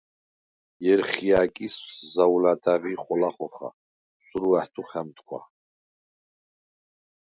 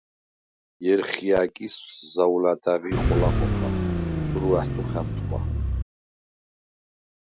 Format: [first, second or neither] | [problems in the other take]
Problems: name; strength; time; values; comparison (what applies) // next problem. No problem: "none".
first | background sound (Car); 3 dB above the speech